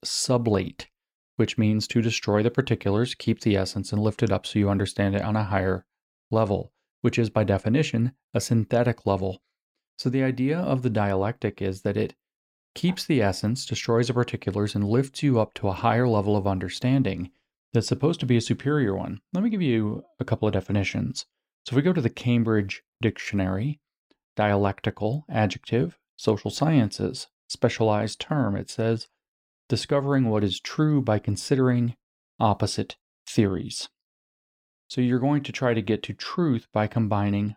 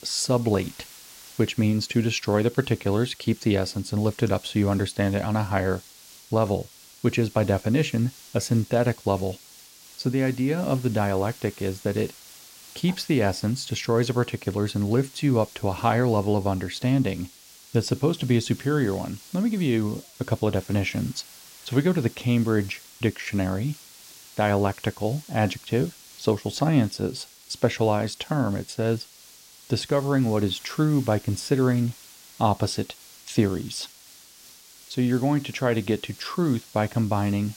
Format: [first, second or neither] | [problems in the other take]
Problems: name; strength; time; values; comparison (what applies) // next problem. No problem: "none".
first | hiss; faint; throughout; 20 dB below the speech